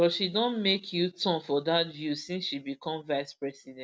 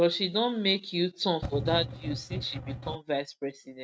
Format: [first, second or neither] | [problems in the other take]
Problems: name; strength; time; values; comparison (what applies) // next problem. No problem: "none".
first | noise reduction (neural mask model RNNoise)